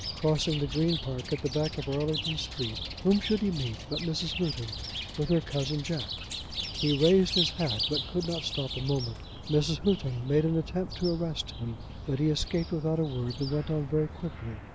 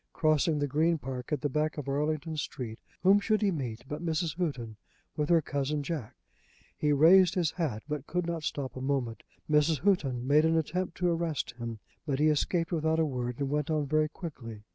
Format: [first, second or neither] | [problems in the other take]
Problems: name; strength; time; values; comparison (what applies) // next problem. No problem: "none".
second | background sound (Chirp, tweet); 8 dB below the speech